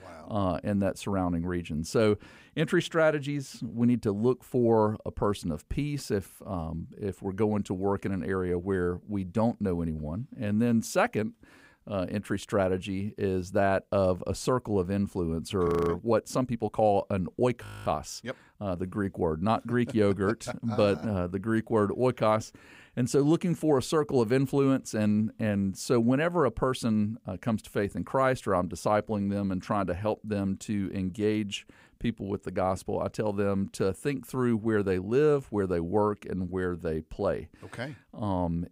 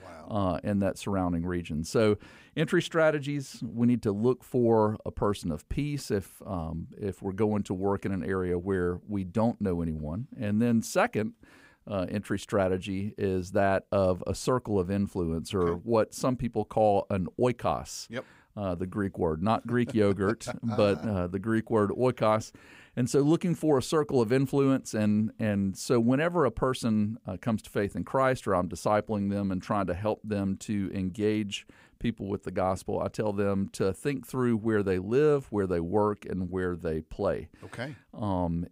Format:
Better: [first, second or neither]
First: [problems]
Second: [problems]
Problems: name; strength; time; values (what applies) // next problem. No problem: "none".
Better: second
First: audio freezing; at 16 s and at 18 s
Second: none